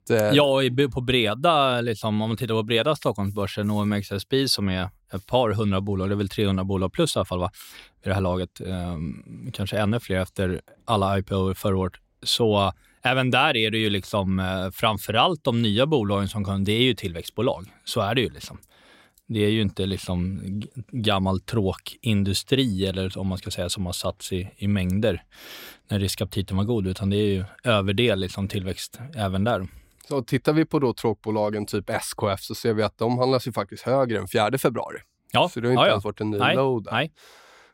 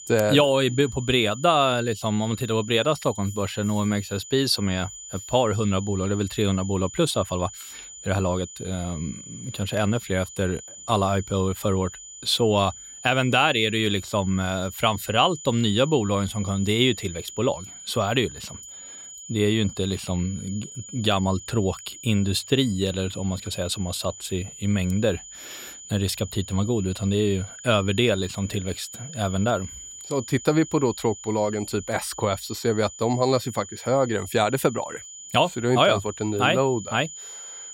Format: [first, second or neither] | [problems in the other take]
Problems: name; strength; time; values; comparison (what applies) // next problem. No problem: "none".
first | high-pitched whine; noticeable; throughout; 7 kHz, 15 dB below the speech